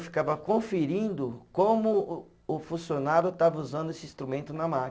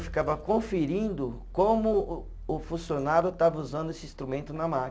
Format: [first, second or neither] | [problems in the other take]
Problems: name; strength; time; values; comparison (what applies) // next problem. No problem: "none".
first | background sound (Rattle / Engine starting / Car); 15 dB below the speech